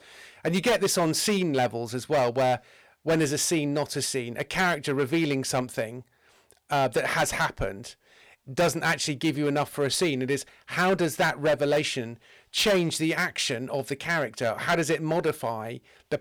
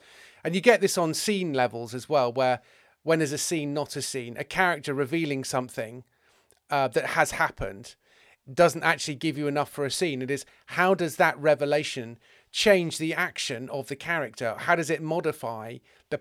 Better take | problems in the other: second | distortion; heavy; 7% of the sound clipped

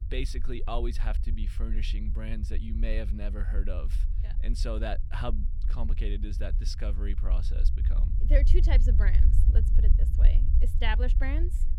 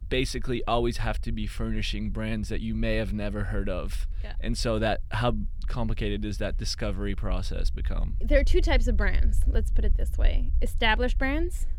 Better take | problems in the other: second | low rumble; loud; throughout; 10 dB below the speech; faint in the second

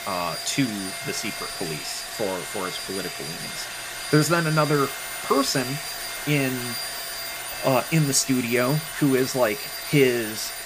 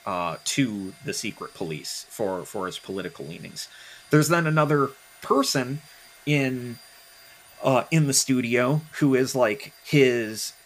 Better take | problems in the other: second | household noises; loud; throughout; 6 dB below the speech; faint in the second

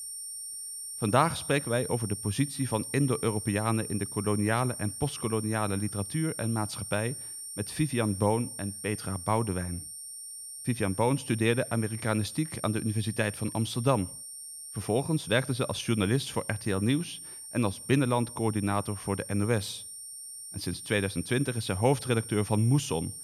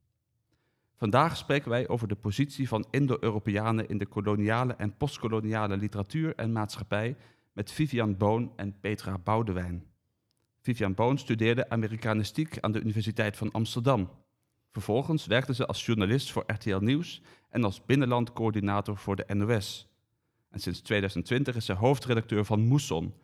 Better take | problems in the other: second | high-pitched whine; loud; throughout; 9 kHz, 9 dB below the speech

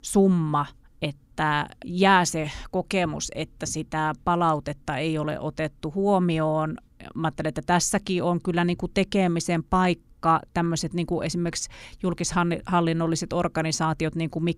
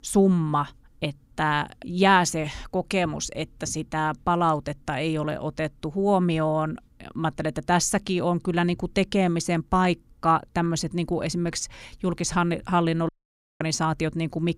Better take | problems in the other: first | audio cutting out; at 13 s for 0.5 s

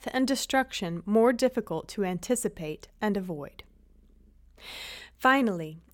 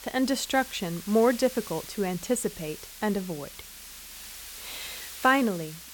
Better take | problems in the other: first | hiss; noticeable; throughout; 15 dB below the speech

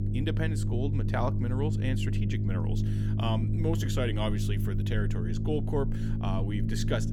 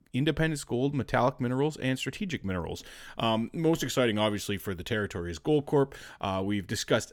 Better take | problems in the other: second | low rumble; loud; throughout; 5 dB below the speech

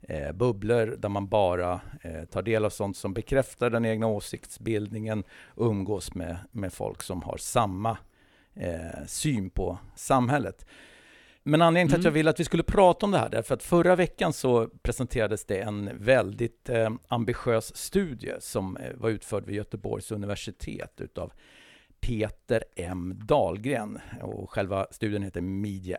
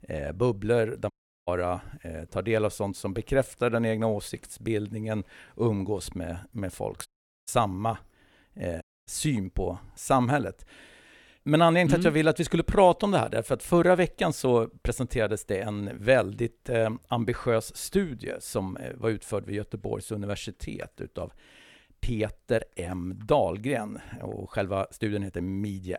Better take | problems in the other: first | audio cutting out; at 1 s, at 7 s and at 9 s

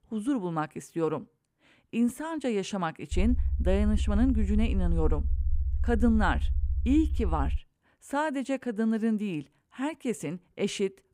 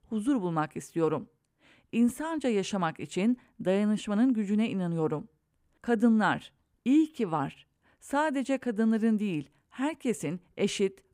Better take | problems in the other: second | low rumble; noticeable; from 3 to 7.5 s; 20 dB below the speech

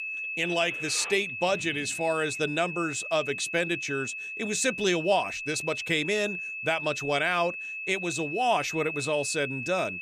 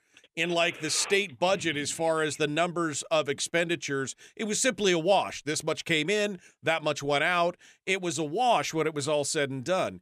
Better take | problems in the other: second | high-pitched whine; loud; throughout; 2.5 kHz, 5 dB below the speech

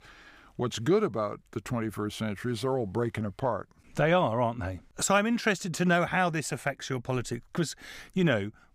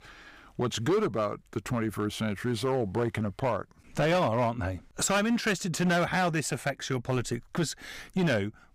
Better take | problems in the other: first | distortion; slight; 8% of the sound clipped

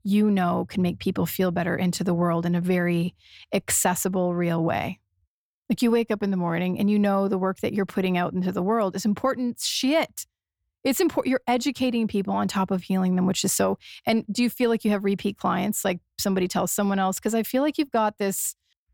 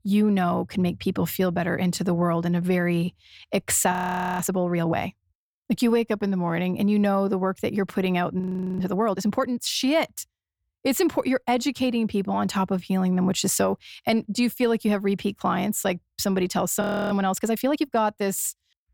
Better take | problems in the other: first | audio freezing; at 4 s, at 8.5 s and at 17 s

